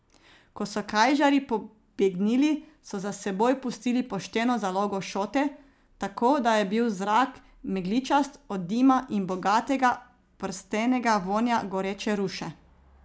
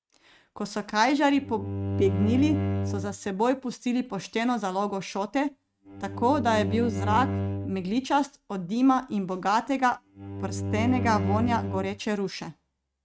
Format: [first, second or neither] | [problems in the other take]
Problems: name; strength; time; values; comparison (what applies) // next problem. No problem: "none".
first | noise reduction (neural mask model RNNoise)